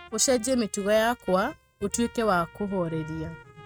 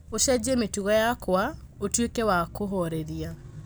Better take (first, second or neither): second